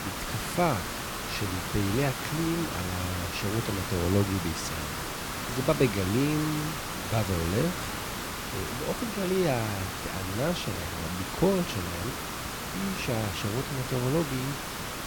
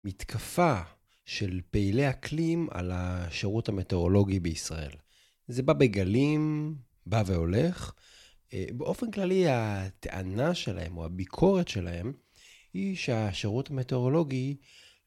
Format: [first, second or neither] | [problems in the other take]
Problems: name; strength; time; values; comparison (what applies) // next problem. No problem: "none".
second | hiss; loud; throughout; 3 dB below the speech